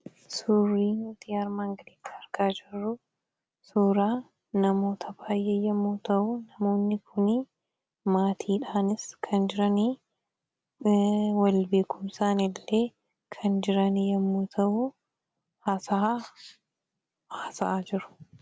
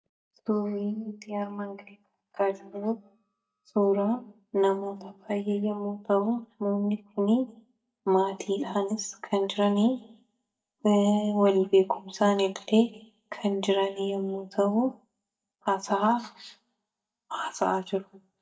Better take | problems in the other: first | noise reduction (neural mask model DeepFilterNet 3)

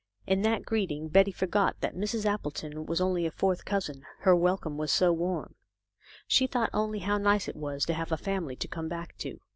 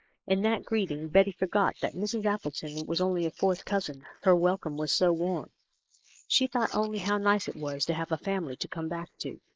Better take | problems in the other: first | noise reduction (neural mask model Resemble Enhance denoiser)

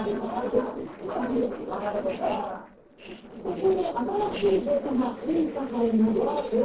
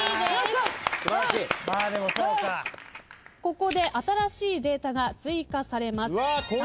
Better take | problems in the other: second | noise reduction (neural separator model SepFormer DNS4)

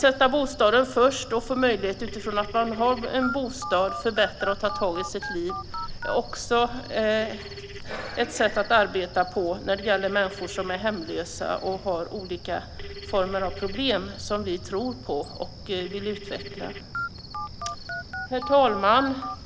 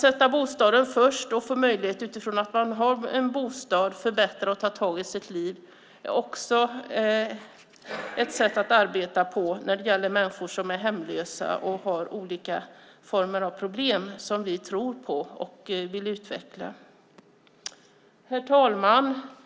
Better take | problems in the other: second | background sound (Cricket + Telephone); 11 dB below the speech

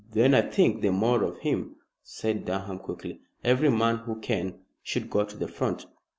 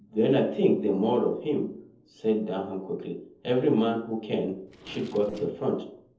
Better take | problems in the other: first | noise reduction (neural separator model SepFormer DNS4)

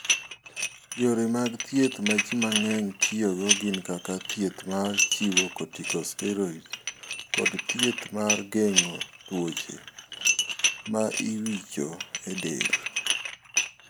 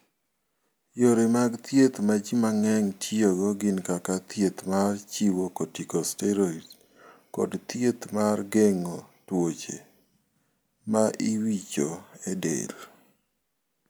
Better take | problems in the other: second | background sound (Dishes, pots, and pans); 1 dB below the speech

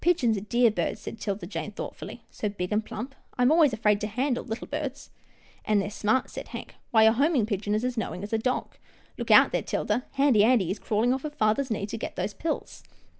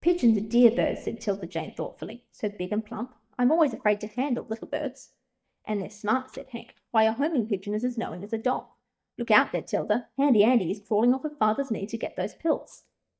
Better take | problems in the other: first | noise reduction (neural mask model DeepFilterNet 3)

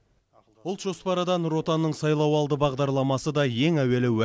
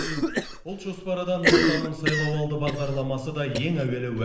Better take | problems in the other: first | background sound (Cough); as loud as the speech // room echo; dies away in 0.9 s

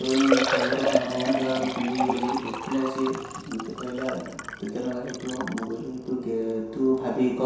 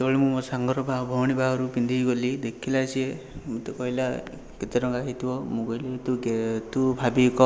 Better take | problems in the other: second | background sound (Liquid); 3 dB below the speech // room echo; dies away in 0.7 s

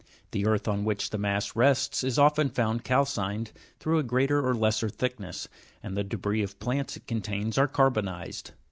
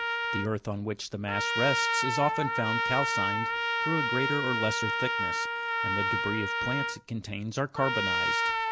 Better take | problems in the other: first | background sound (Trumpet); 3 dB above the speech

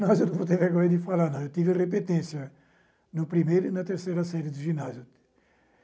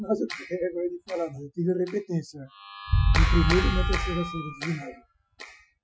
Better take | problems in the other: first | noise reduction (classical method Wiener filter)

